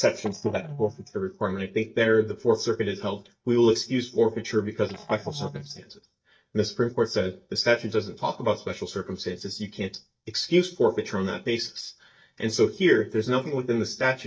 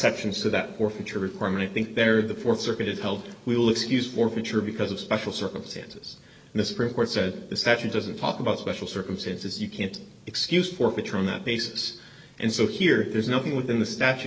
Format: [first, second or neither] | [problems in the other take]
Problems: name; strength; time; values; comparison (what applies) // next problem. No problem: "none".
second | noise reduction (neural mask model DeepFilterNet 3)